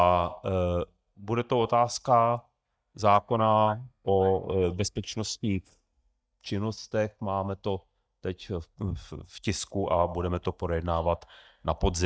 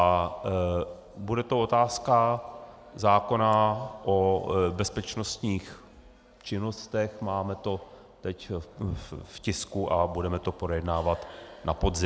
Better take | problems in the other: second | noise reduction (neural mask model DeepFilterNet 3)

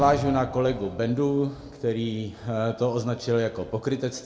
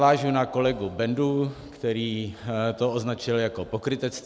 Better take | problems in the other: second | background sound (Slam); 17 dB below the speech // room echo; dies away in 1.3 s

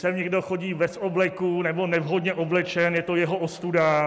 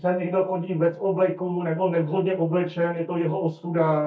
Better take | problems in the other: first | noise reduction (neural mask model DeepFilterNet 3)

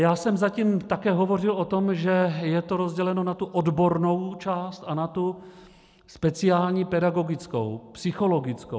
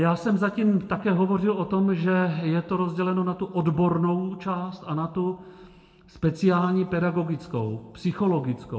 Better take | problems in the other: first | room echo; dies away in 1.2 s

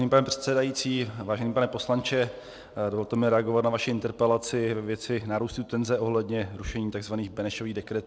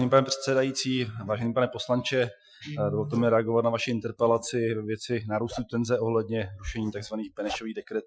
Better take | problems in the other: first | noise reduction (classical method Wiener filter)

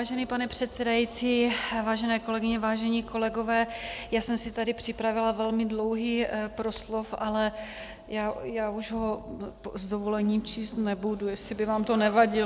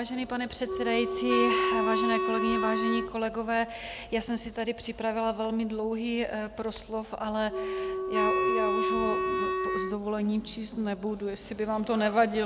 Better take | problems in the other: first | background sound (Wind instrument, woodwind instrument); 1 dB above the speech

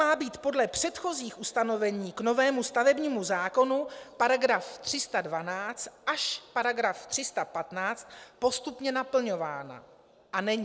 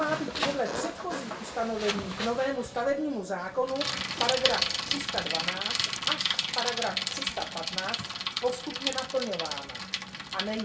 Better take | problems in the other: first | background sound (Bicycle); as loud as the speech // room echo; dies away in 0.3 s

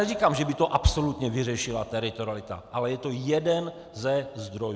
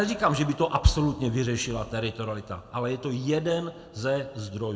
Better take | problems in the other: first | room echo; dies away in 0.9 s

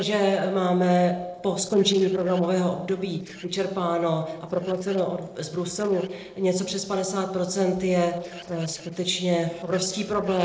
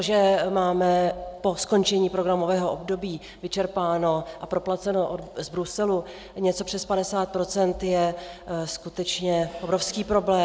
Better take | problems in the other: second | noise reduction (neural separator model SepFormer DNS4)

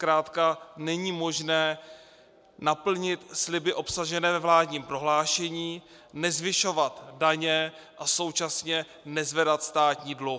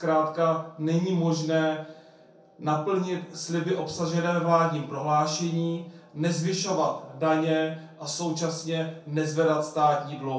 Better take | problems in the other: first | room echo; dies away in 0.6 s

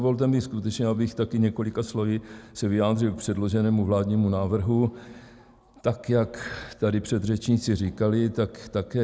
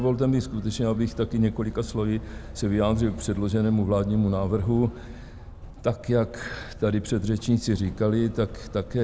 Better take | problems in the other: first | background sound (Motor vehicle (road)); 14 dB below the speech

